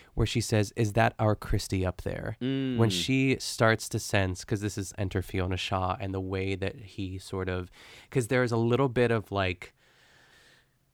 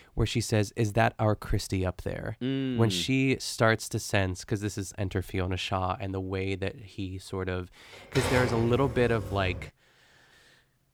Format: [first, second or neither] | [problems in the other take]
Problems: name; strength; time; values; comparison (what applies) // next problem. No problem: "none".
first | keyboard typing; noticeable; from 8 to 9.5 s; peak 1 dB below the speech